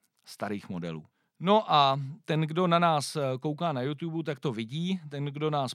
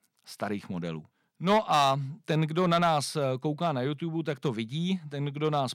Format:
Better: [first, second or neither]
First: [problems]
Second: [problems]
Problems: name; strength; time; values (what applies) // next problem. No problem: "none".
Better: first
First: none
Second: distortion; slight; 1.9% of the sound clipped